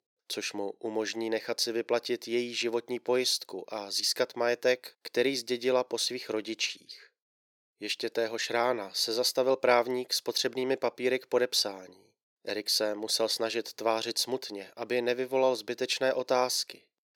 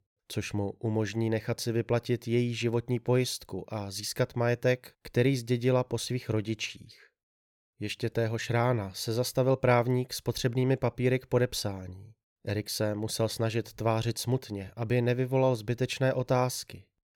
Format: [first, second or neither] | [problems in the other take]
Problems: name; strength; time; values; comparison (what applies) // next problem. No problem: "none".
second | thin; somewhat; fading below 350 Hz